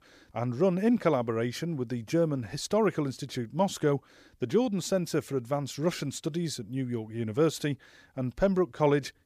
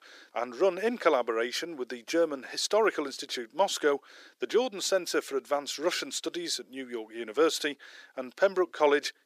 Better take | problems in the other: first | thin; somewhat; fading below 350 Hz

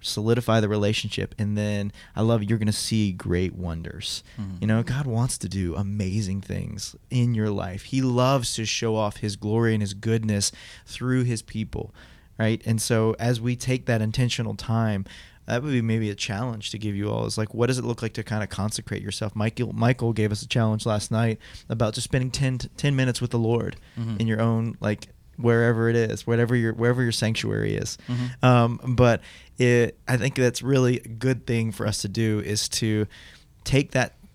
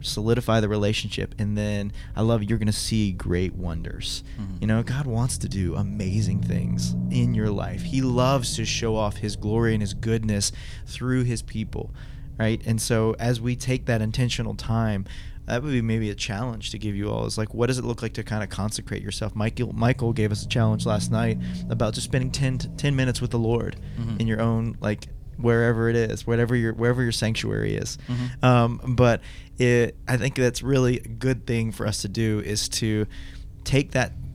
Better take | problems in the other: first | low rumble; noticeable; throughout; 20 dB below the speech

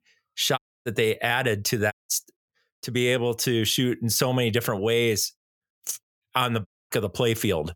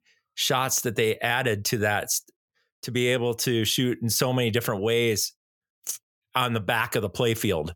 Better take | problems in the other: second | audio cutting out; at 0.5 s, at 2 s and at 6.5 s

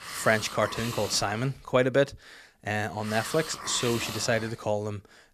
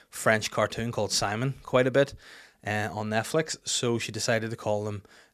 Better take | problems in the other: second | hiss; loud; throughout; 10 dB below the speech

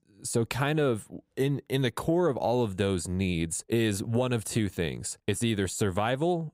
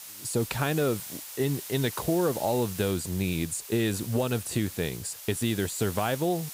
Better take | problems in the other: first | hiss; loud; throughout; 10 dB below the speech

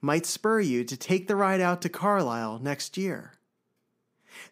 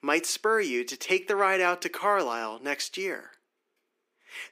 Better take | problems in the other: first | thin; somewhat; fading below 350 Hz

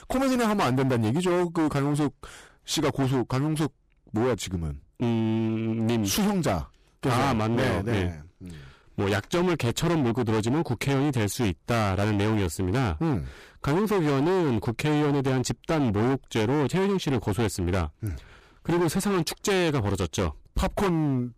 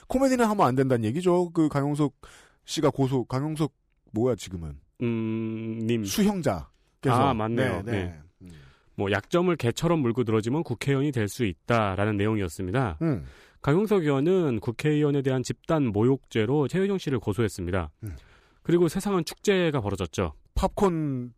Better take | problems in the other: second | distortion; heavy; 27% of the sound clipped

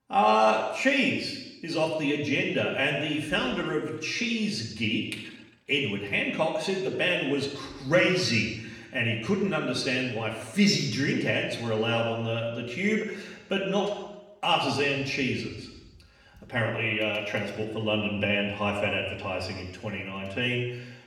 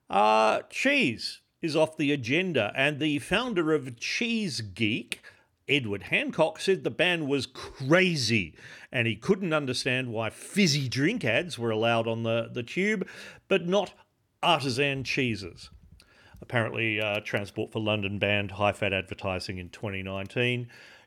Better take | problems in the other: second | room echo; noticeable; dies away in 0.9 s // off-mic speech; somewhat distant

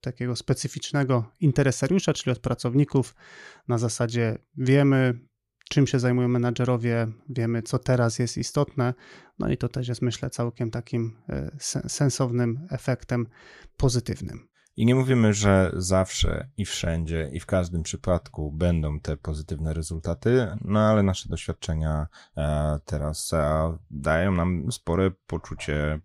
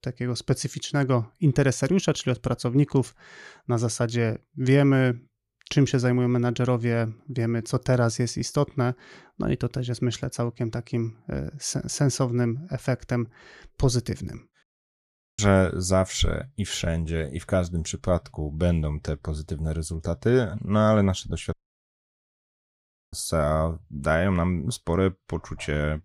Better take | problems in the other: first | audio cutting out; at 15 s for 1 s and at 22 s for 1.5 s

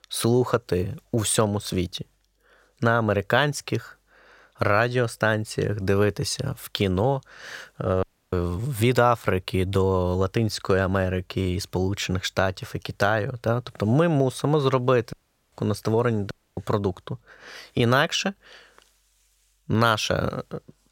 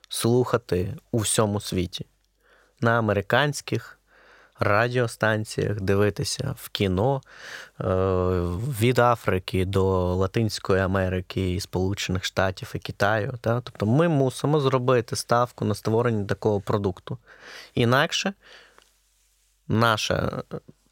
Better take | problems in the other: second | audio cutting out; at 8 s, at 15 s and at 16 s

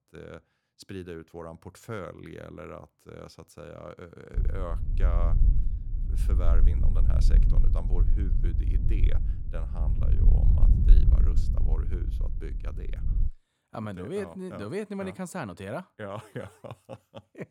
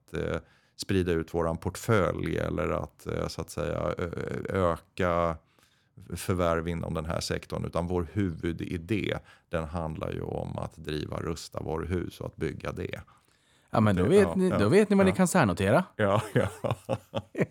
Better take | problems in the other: second | wind noise on the microphone; heavy; from 4.5 to 13 s; 5 dB below the speech

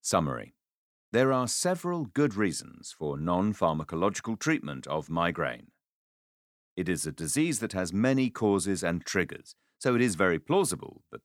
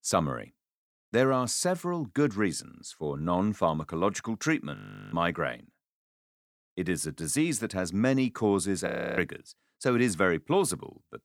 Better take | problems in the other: first | audio freezing; at 5 s and at 9 s

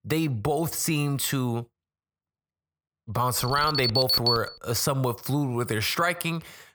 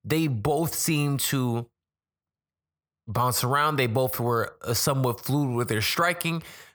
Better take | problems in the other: second | alarm; loud; from 3.5 to 4.5 s; peak 5 dB above the speech

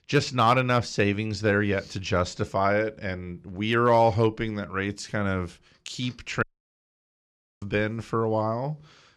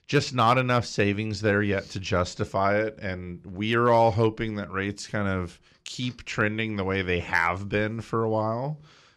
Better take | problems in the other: second | audio cutting out; at 6.5 s for 1 s

